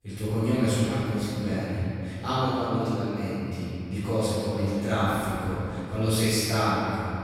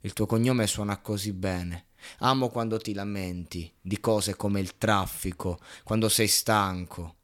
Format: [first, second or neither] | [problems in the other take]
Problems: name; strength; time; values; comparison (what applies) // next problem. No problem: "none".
second | off-mic speech; far // room echo; strong; dies away in 3 s